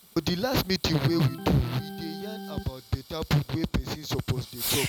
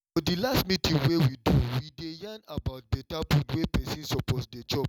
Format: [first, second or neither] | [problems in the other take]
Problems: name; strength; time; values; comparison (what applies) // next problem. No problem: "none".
second | background sound (Organ + Fireworks); 11 dB below the speech